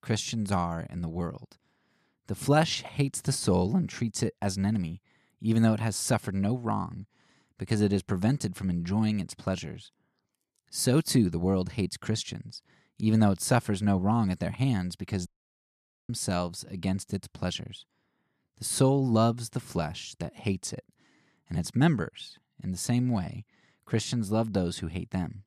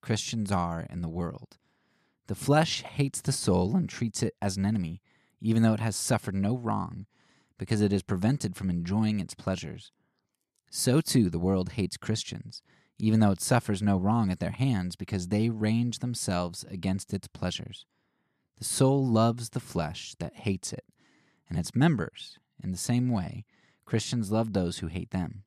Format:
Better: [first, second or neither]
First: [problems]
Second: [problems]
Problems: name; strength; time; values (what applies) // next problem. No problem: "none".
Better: second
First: audio cutting out; at 15 s for 1 s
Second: none